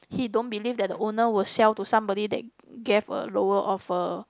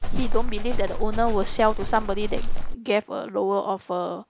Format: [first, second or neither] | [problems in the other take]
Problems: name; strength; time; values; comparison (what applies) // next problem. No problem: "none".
first | background sound (Livestock, farm animals, working animals); 5 dB above the speech